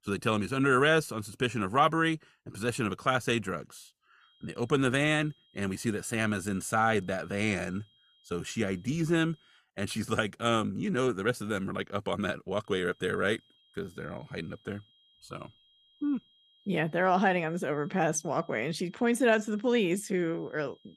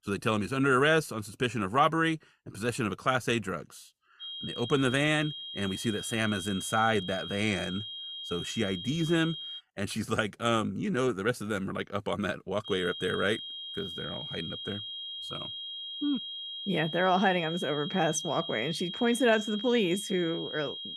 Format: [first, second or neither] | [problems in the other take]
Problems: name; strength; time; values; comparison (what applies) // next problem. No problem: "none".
first | high-pitched whine; loud; from 4 to 9.5 s and from 13 s on; 3 kHz, 8 dB below the speech; faint in the first